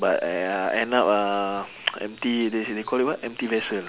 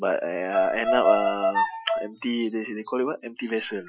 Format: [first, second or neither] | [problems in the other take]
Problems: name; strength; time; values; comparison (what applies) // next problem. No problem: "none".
first | noise reduction (classical method Wiener filter)